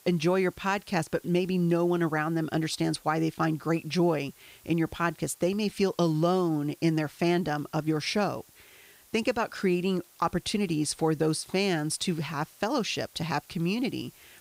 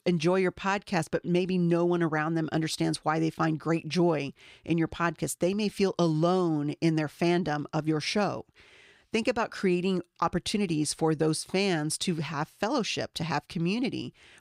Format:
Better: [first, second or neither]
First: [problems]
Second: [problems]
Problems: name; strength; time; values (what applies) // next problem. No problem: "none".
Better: second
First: hiss; faint; throughout; 25 dB below the speech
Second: none